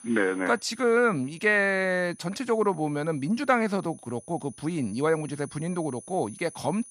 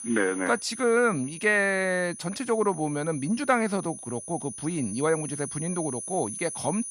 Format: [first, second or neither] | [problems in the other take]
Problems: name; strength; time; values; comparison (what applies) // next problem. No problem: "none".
first | high-pitched whine; loud; throughout; 9.5 kHz, 10 dB below the speech; faint in the first